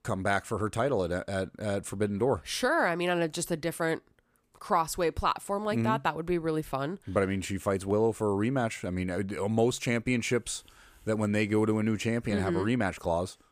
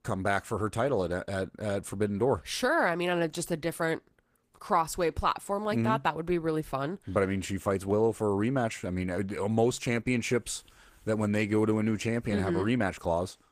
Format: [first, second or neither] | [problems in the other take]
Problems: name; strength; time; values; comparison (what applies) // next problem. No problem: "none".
first | garbled, watery; slightly; nothing above 15 kHz